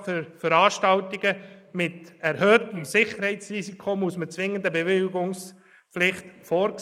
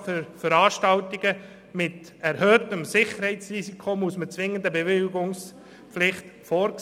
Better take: second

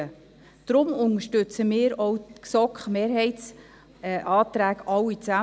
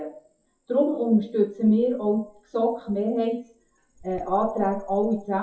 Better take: first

